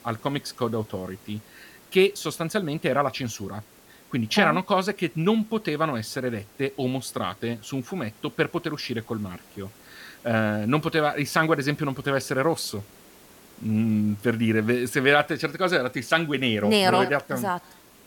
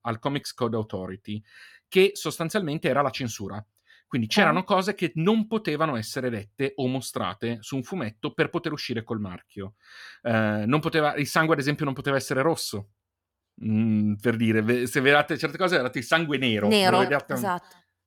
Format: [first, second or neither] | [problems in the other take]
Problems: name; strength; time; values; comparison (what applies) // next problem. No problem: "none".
second | hiss; faint; throughout; 25 dB below the speech